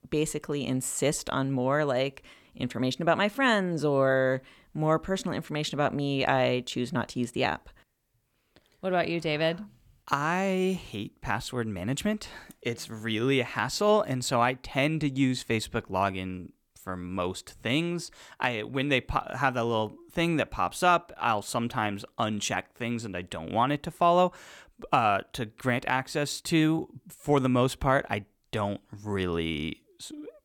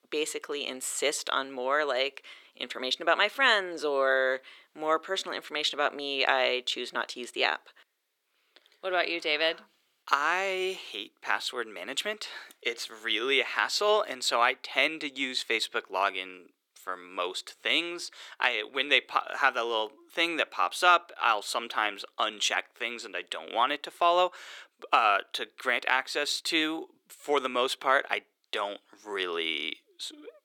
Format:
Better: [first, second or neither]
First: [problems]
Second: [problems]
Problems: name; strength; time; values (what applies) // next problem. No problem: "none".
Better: first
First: none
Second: thin; very; fading below 400 Hz